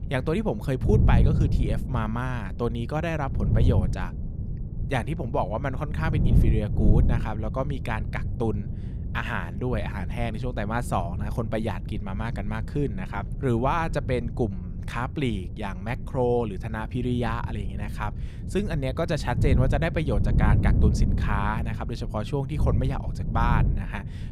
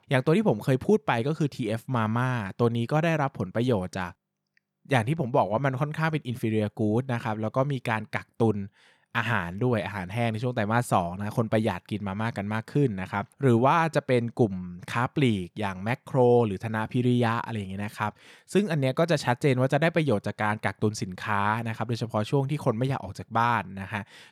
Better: second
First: wind noise on the microphone; occasional gusts; 10 dB below the speech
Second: none

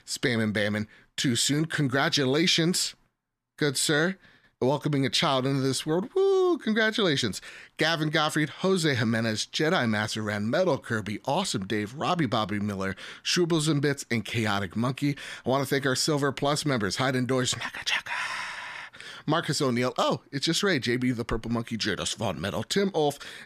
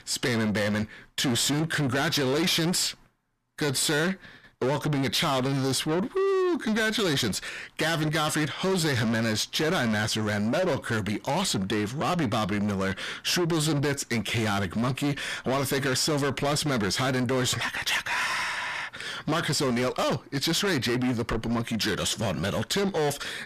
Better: first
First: none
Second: distortion; heavy; 7 dB below the speech

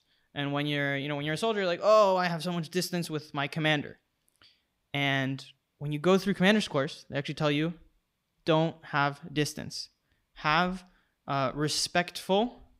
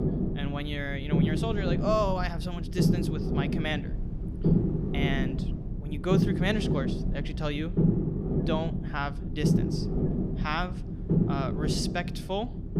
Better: first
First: none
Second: low rumble; loud; throughout; 3 dB below the speech

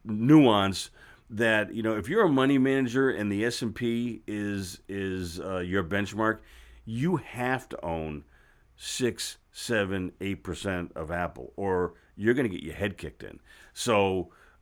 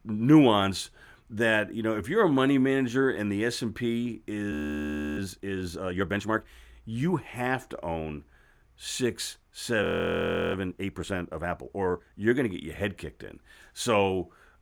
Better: first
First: none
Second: audio freezing; at 4.5 s for 0.5 s and at 10 s for 0.5 s

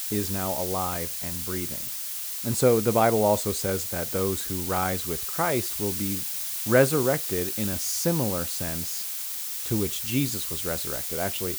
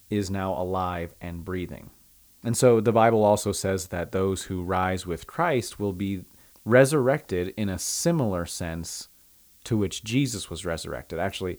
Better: second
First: hiss; loud; throughout; 2 dB below the speech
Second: hiss; faint; throughout; 30 dB below the speech

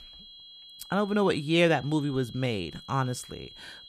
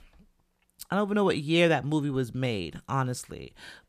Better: second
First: high-pitched whine; noticeable; throughout; 3.5 kHz, 20 dB below the speech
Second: none

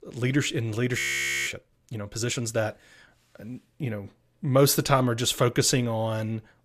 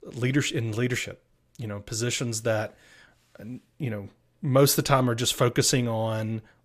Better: second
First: audio freezing; at 1 s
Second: none

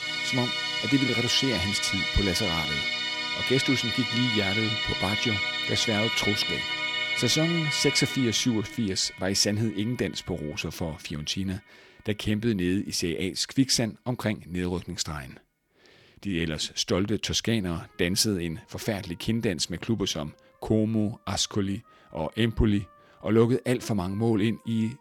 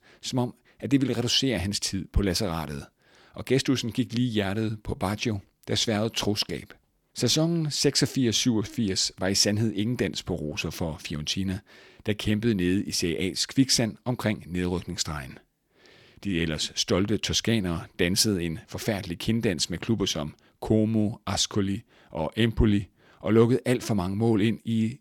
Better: second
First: background music; very loud; throughout; as loud as the speech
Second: none

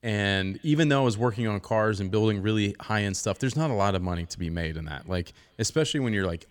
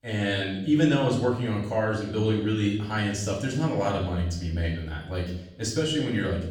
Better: first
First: none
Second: off-mic speech; far // room echo; noticeable; dies away in 0.7 s

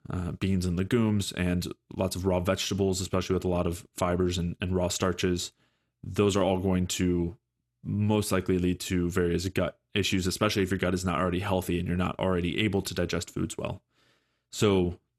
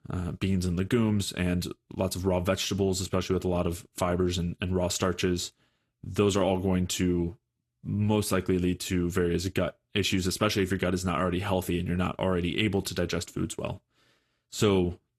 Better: first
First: none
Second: garbled, watery; slightly; nothing above 12.5 kHz

